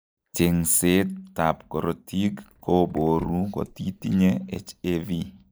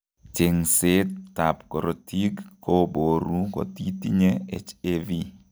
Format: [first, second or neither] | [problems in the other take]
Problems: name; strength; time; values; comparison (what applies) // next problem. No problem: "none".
second | noise reduction (neural mask model Resemble Enhance denoiser)